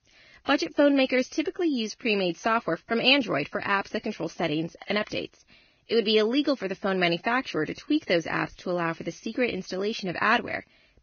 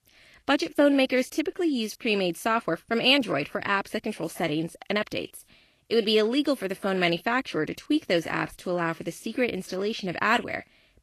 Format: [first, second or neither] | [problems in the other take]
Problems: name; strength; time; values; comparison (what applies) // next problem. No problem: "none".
second | garbled, watery; badly; nothing above 6.5 kHz; slightly in the second